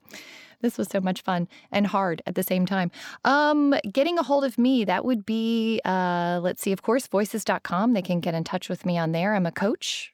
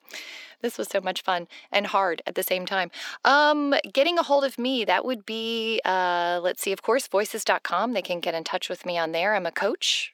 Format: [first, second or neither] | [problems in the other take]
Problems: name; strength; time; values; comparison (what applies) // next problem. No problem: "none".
first | thin; somewhat; fading below 350 Hz